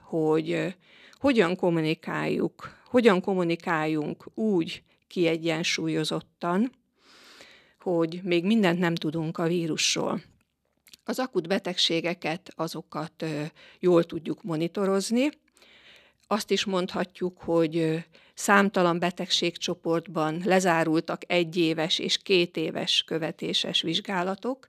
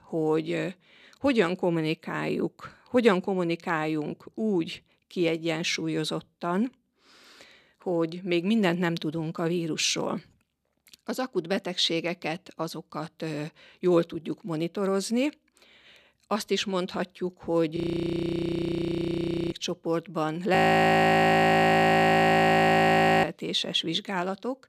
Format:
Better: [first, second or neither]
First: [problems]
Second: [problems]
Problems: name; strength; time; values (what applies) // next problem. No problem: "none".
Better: first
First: none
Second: audio freezing; at 18 s for 2 s and at 21 s for 2.5 s